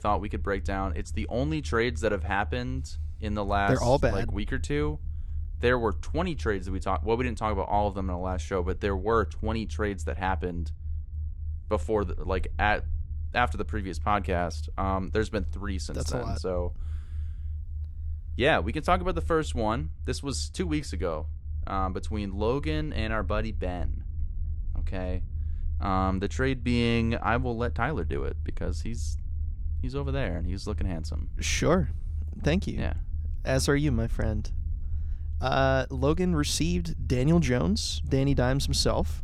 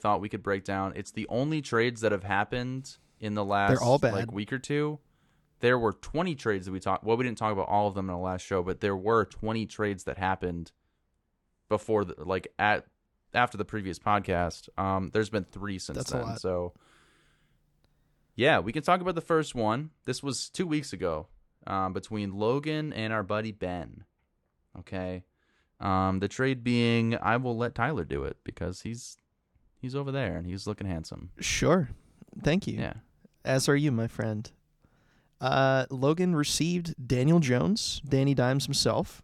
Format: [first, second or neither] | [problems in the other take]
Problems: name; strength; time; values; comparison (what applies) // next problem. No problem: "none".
second | low rumble; faint; throughout; 25 dB below the speech